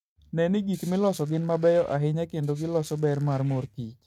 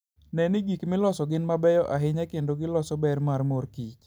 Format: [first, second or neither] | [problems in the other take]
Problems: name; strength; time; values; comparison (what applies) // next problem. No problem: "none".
second | noise reduction (neural mask model RNNoise)